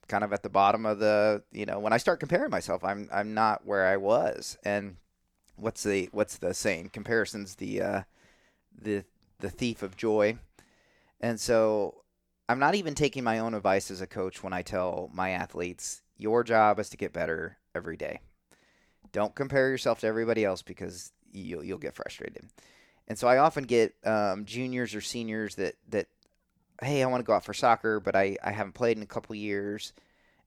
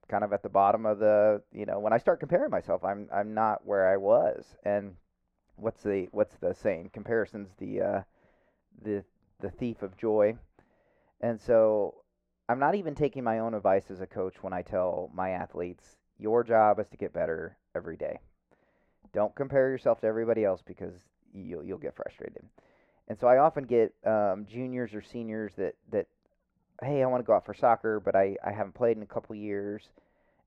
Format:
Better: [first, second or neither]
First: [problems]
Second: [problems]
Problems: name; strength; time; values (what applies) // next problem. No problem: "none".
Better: first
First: none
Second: muffled; very; fading above 3 kHz